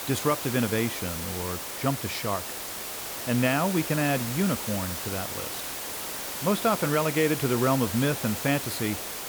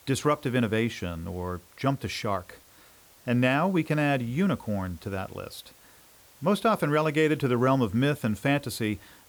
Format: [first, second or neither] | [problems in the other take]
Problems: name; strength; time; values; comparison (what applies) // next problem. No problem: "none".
second | hiss; loud; throughout; 4 dB below the speech; faint in the second